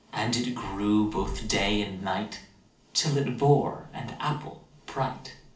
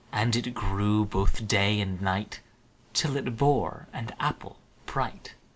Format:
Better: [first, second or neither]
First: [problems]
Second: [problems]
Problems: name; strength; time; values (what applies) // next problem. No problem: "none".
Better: second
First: room echo; dies away in 0.4 s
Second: none